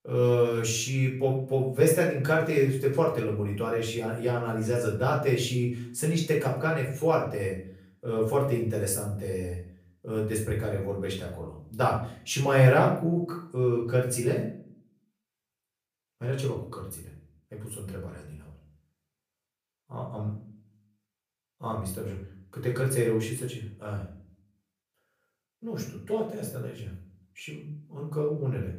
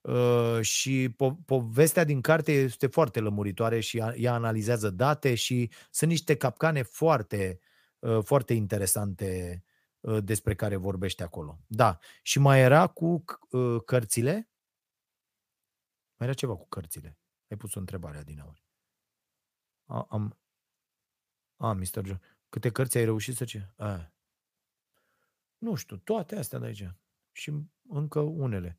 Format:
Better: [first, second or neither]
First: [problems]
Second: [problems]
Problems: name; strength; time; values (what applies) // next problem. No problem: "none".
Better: second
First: room echo; slight; dies away in 0.5 s // off-mic speech; far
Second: none